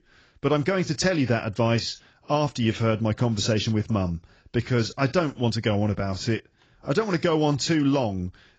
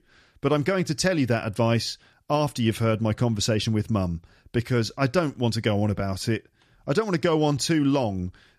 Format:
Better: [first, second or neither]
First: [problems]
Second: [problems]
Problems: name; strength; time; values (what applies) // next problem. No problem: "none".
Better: second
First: garbled, watery; badly; nothing above 7.5 kHz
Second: none